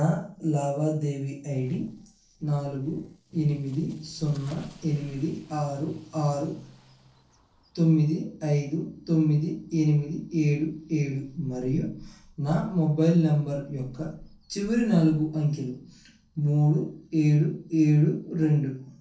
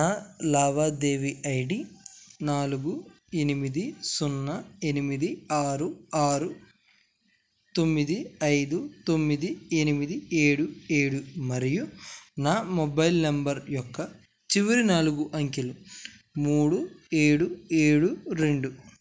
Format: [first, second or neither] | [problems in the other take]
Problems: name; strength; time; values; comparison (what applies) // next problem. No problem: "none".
second | noise reduction (neural separator model SepFormer DNS4)